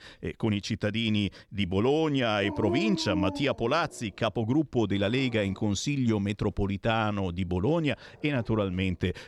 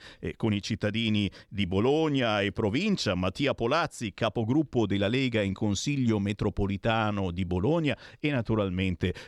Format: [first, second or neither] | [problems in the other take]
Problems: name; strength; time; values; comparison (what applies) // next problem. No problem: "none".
second | dog barking; noticeable; from 2.5 to 8.5 s; peak 3 dB below the speech